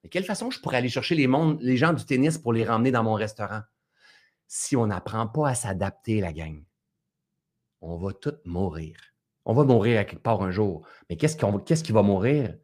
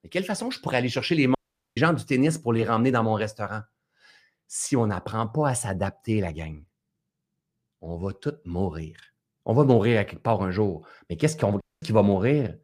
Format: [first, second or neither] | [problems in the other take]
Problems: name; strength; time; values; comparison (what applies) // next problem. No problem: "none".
first | audio cutting out; at 1.5 s and at 12 s